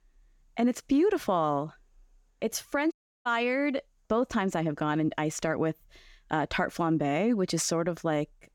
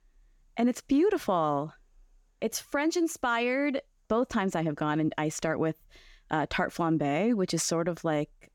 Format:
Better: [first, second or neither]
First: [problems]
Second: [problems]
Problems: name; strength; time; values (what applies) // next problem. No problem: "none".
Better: second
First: audio cutting out; at 3 s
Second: none